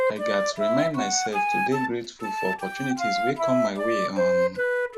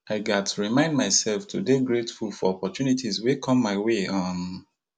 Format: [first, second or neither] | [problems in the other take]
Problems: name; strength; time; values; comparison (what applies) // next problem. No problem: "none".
second | background sound (Wind instrument, woodwind instrument); 4 dB above the speech